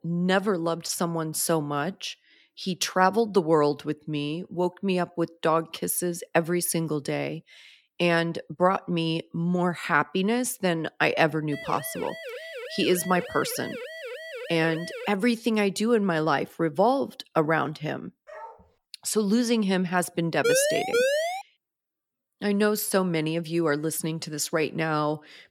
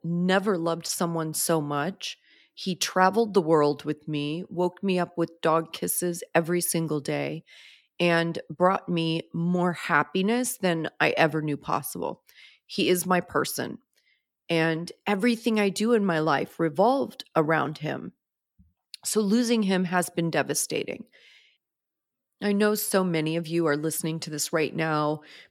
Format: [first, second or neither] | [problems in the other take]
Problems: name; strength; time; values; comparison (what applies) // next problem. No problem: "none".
second | siren; faint; from 12 to 15 s; peak 10 dB below the speech // dog barking; faint; at 18 s; peak 15 dB below the speech // siren; loud; at 20 s; peak 2 dB above the speech